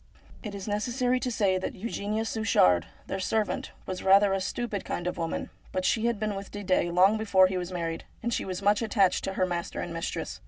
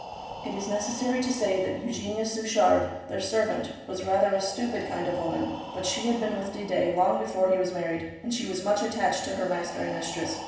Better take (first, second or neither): first